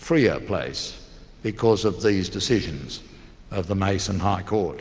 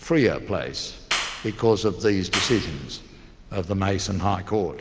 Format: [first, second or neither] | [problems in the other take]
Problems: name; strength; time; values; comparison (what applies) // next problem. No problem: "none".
first | background sound (Clapping); 5 dB below the speech